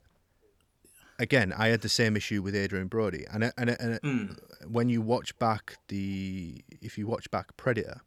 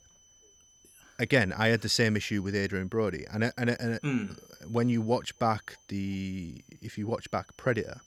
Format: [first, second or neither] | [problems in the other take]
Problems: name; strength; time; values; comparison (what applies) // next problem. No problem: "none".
first | high-pitched whine; faint; throughout; 6 kHz, 30 dB below the speech